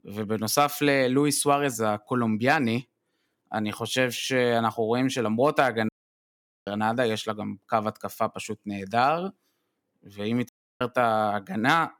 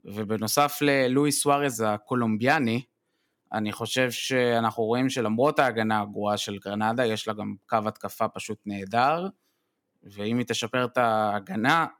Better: second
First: audio cutting out; at 6 s for 1 s and at 10 s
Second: none

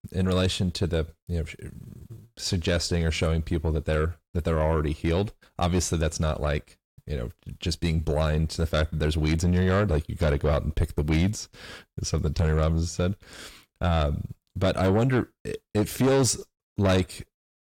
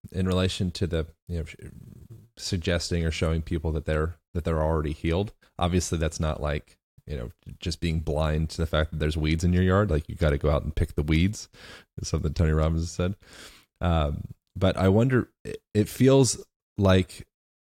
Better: second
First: distortion; slight; 10 dB below the speech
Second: none

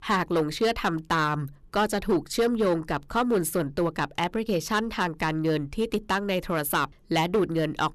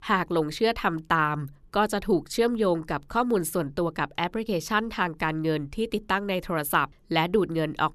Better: second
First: distortion; slight; 6% of the sound clipped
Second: none

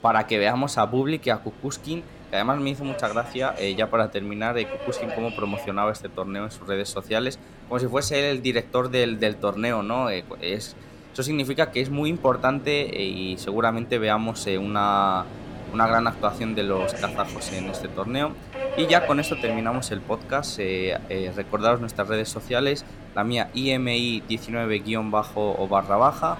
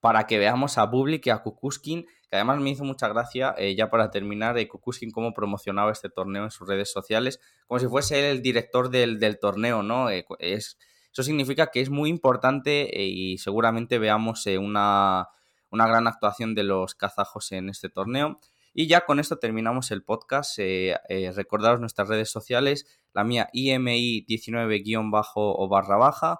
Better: second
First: train or aircraft noise; noticeable; throughout; 10 dB below the speech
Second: none

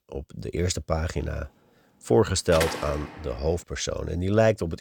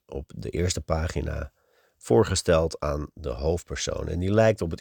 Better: second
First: door banging; noticeable; at 2.5 s; peak 3 dB below the speech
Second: none

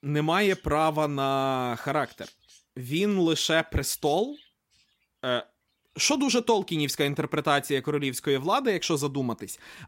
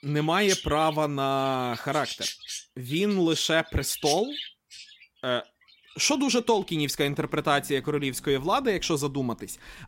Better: first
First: animal sounds; faint; throughout; 30 dB below the speech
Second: animal sounds; loud; throughout; 9 dB below the speech

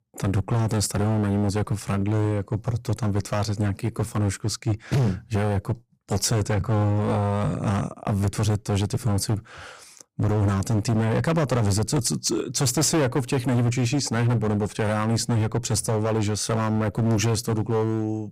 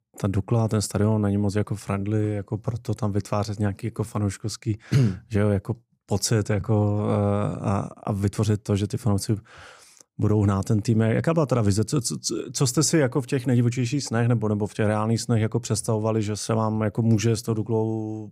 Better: second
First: distortion; heavy; 17% of the sound clipped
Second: none

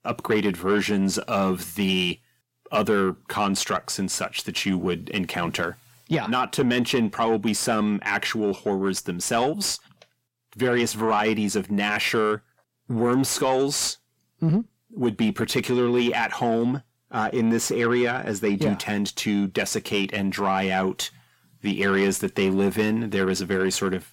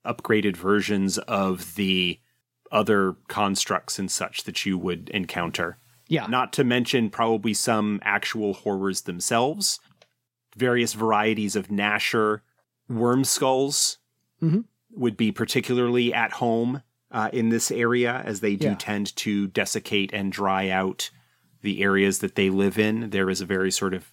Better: second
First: distortion; slight; 10 dB below the speech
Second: none

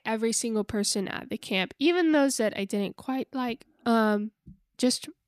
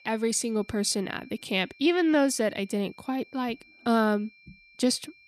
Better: first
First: none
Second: high-pitched whine; faint; throughout; 2.5 kHz, 25 dB below the speech

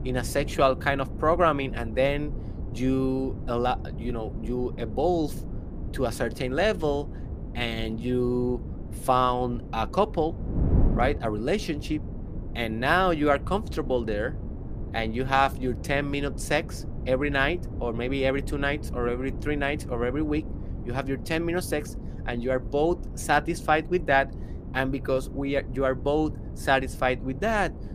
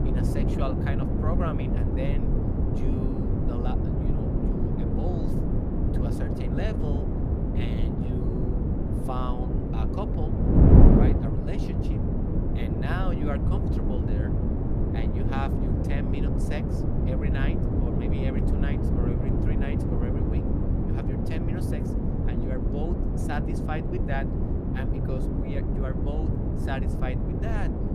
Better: first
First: wind noise on the microphone; occasional gusts; 20 dB below the speech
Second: wind noise on the microphone; heavy; 4 dB above the speech

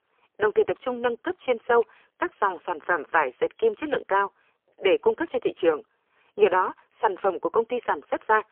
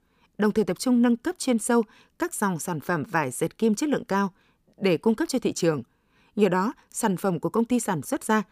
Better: second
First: phone-call audio; poor line; nothing above 3 kHz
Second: none

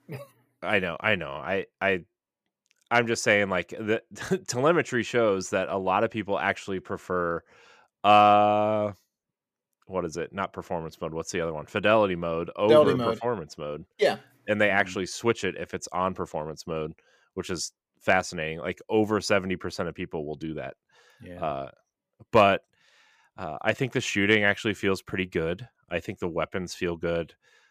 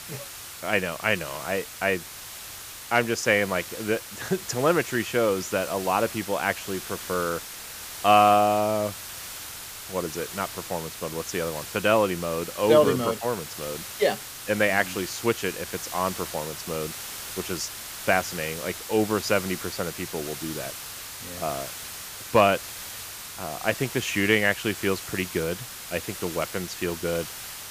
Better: first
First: none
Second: hiss; loud; throughout; 10 dB below the speech

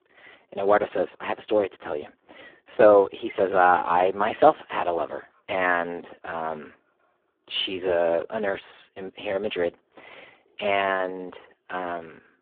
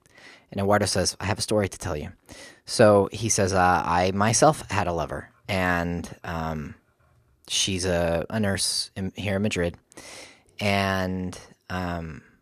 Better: second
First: phone-call audio; poor line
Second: none

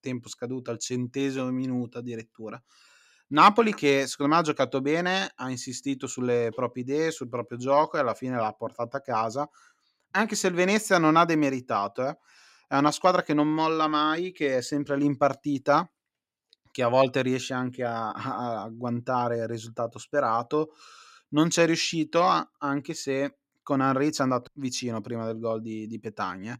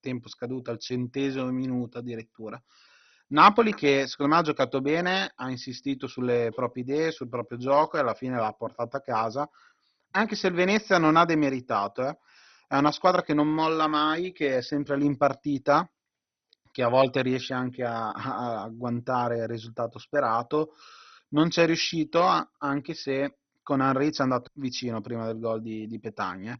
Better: first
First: none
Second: garbled, watery; badly; nothing above 6 kHz

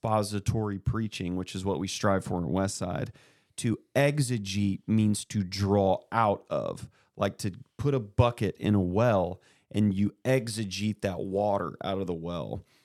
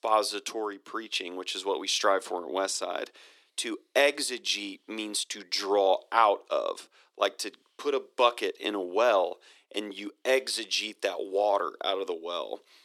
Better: first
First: none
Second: thin; very; fading below 350 Hz

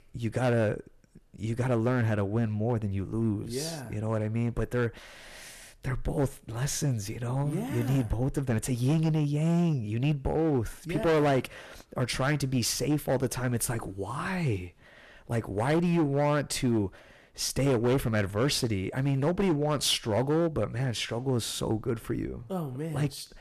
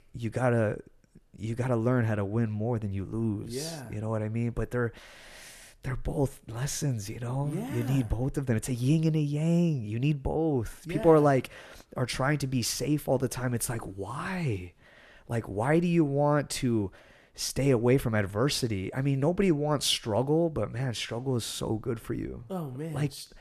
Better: second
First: distortion; slight; 7% of the sound clipped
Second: none

